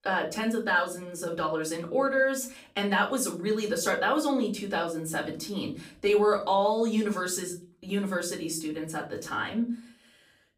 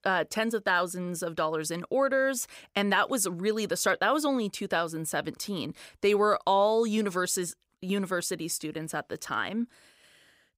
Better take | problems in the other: second | off-mic speech; far // room echo; very slight; dies away in 0.3 s

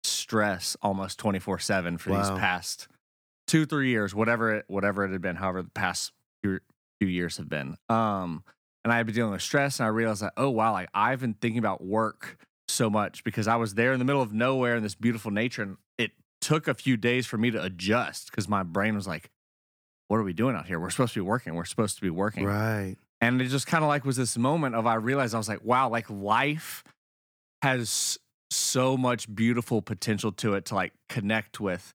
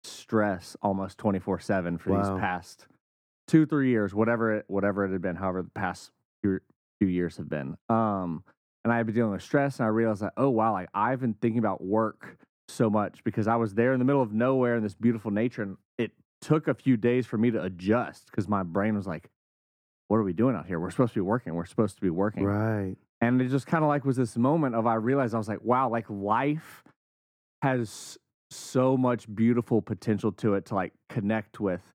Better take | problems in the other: first | muffled; slightly; fading above 2 kHz

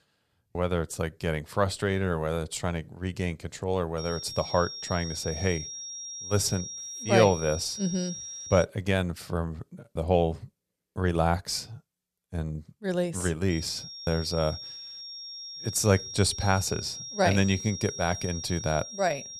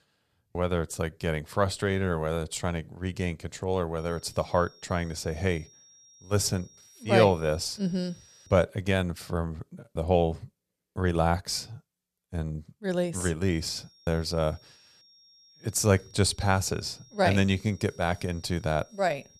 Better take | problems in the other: second | high-pitched whine; loud; from 4 to 8.5 s and from 14 s on; 5.5 kHz, 8 dB below the speech; faint in the second

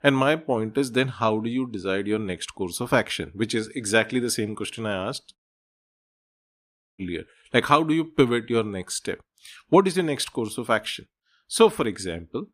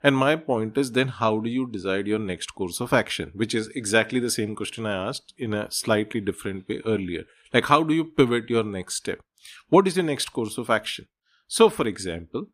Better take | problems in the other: second | audio cutting out; at 5.5 s for 1.5 s

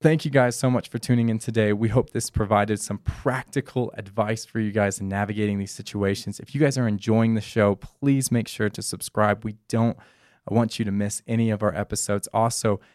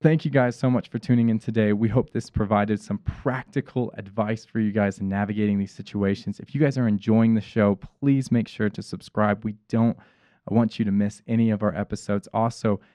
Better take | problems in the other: first | muffled; slightly; fading above 3.5 kHz

